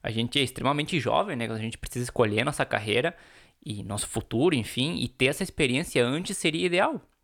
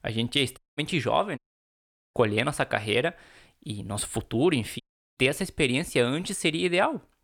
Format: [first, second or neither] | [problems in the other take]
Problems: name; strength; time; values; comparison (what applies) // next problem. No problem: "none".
first | audio cutting out; at 0.5 s, at 1.5 s for 1 s and at 5 s